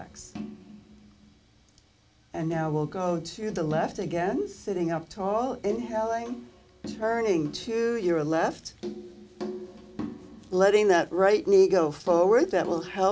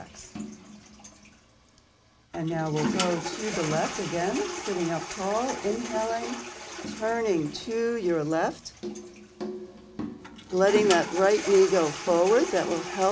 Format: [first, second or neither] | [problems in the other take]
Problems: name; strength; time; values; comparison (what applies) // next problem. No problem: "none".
first | background sound (Toilet flush); 9 dB below the speech